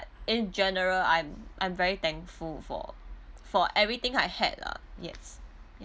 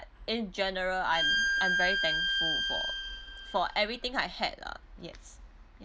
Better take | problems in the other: first | background sound (Bowed string instrument); 3 dB above the speech

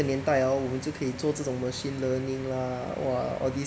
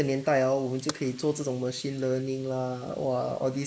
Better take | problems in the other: first | noise reduction (neural mask model Resemble Enhance denoiser)

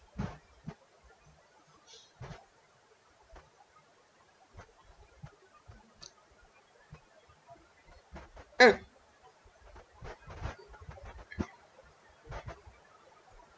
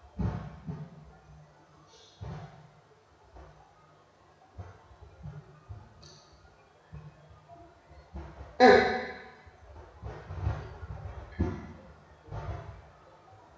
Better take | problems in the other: first | room echo; dies away in 1.1 s

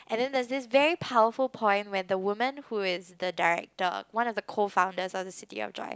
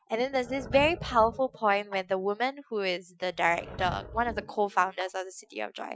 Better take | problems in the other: first | noise reduction (classical method Wiener filter)

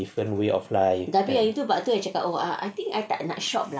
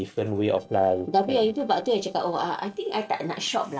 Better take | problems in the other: first | noise reduction (neural separator model SepFormer DNS4)

